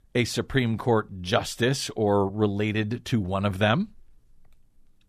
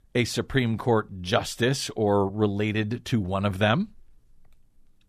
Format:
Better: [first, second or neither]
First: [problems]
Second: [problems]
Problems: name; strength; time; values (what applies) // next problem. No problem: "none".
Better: neither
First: none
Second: none